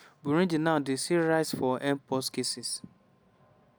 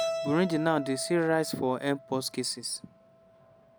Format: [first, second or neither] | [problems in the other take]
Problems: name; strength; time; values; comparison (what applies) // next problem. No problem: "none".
first | background sound (Keyboard (musical)); 9 dB below the speech